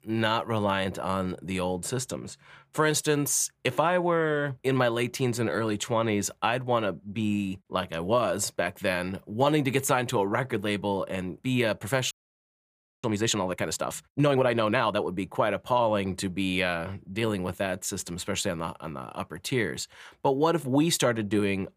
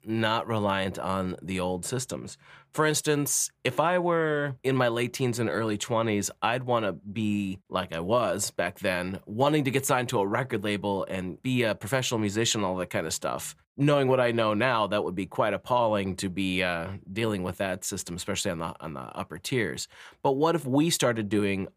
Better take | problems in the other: second | audio freezing; at 12 s for 1 s

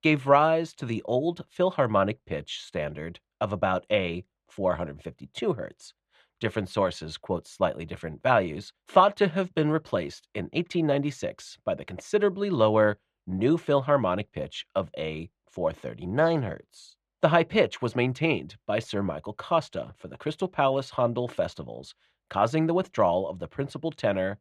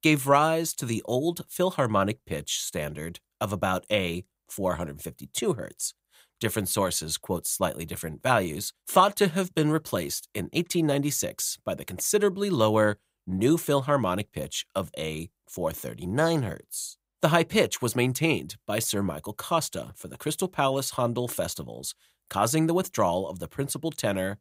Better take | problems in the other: second | muffled; very; fading above 2.5 kHz

